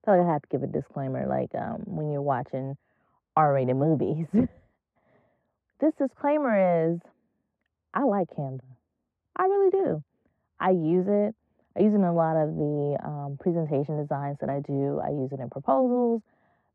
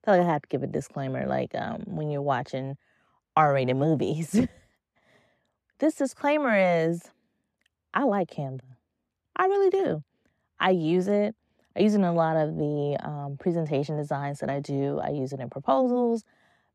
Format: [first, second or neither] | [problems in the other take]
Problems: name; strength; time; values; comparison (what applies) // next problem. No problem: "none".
second | muffled; very; fading above 2.5 kHz